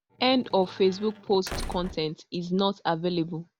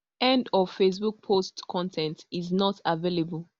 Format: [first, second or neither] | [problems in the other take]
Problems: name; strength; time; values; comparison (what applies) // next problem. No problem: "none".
second | background sound (Squeak / Slam / Wood); 13 dB below the speech